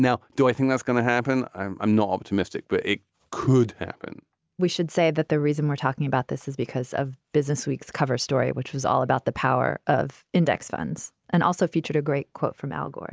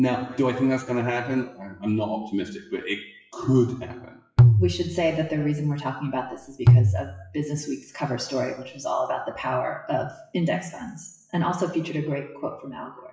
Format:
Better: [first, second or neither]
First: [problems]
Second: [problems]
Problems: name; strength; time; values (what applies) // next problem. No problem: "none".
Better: first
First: none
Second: noise reduction (classical method WPE with log-MMSE)